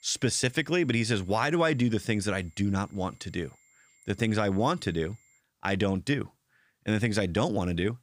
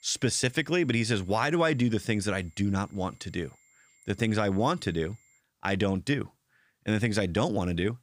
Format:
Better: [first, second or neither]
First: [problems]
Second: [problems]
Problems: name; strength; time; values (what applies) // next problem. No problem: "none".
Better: neither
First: high-pitched whine; faint; until 5.5 s; 7.5 kHz, 35 dB below the speech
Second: high-pitched whine; faint; until 5.5 s; 7.5 kHz, 35 dB below the speech